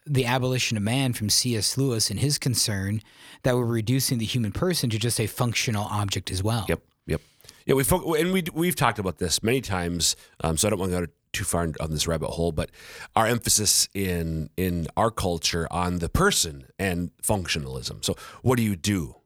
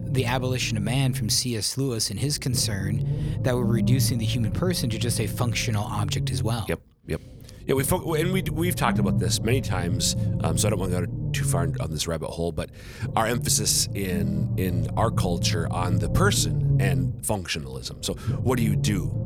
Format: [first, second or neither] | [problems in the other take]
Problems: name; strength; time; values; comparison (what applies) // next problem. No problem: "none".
first | low rumble; loud; throughout; 10 dB below the speech